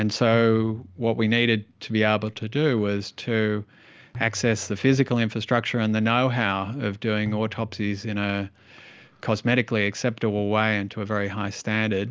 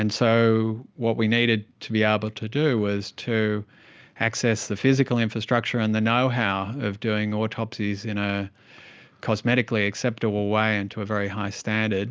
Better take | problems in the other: second | background sound (Tabla); 20 dB below the speech

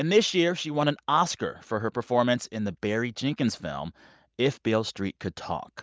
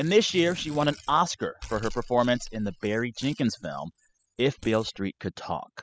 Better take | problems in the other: first | noise reduction (classical method spectral subtraction)

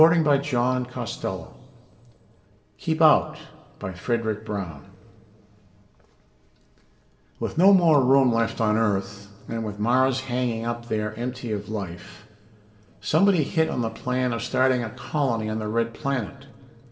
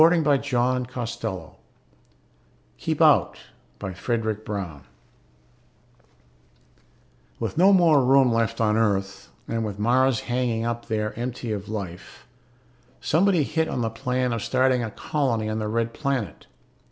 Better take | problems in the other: second | room echo; dies away in 2.3 s

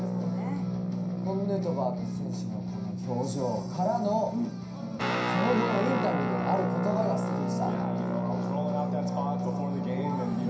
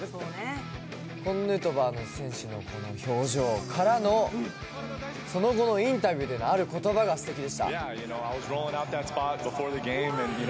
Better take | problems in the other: second | background sound (Guitar); 1 dB above the speech // room echo; dies away in 0.5 s

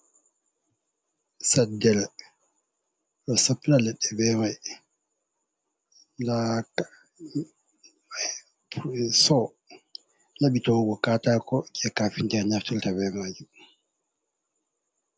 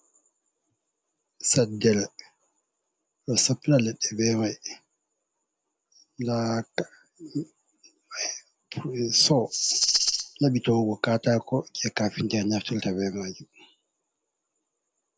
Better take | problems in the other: first | background sound (Rattle (instrument)); 2 dB above the speech

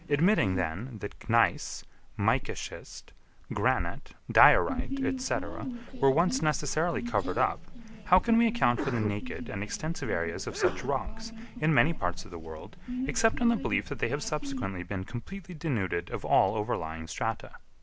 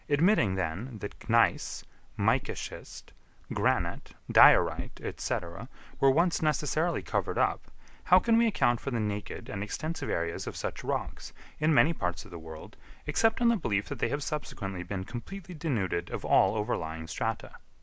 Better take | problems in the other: second | background sound (Sneeze); 11 dB below the speech

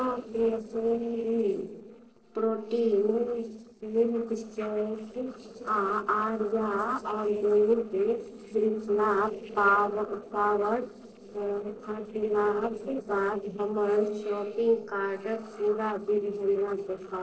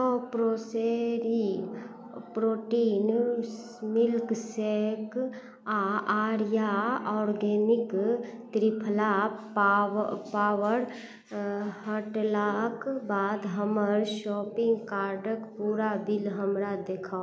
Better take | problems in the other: second | noise reduction (neural separator model SepFormer DNS4)

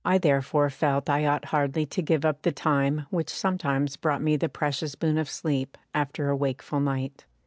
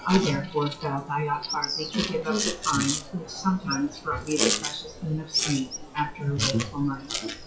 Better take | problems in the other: first | noise reduction (classical method WPE with log-MMSE)

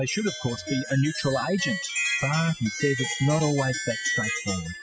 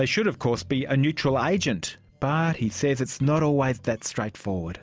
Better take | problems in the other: second | noise reduction (classical method spectral subtraction)

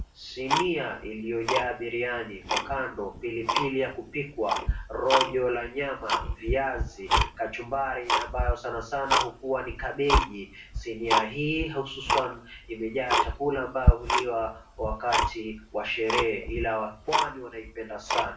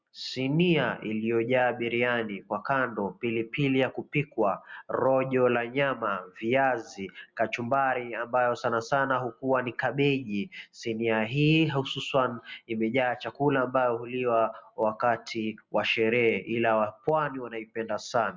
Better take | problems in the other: second | background sound (Tick-tock); 1 dB above the speech // room echo; dies away in 0.3 s

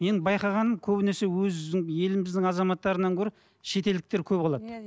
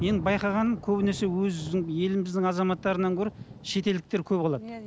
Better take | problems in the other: first | background sound (Thunder / Rain); 16 dB below the speech

